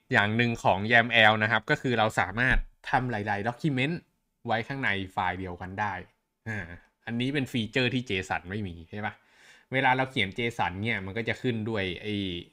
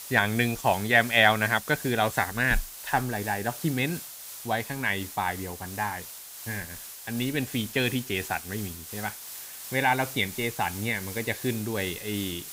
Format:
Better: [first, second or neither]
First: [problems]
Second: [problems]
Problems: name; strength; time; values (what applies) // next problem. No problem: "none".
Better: first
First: none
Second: hiss; noticeable; throughout; 10 dB below the speech